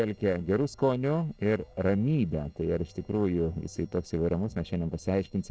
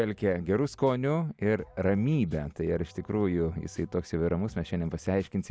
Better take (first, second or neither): second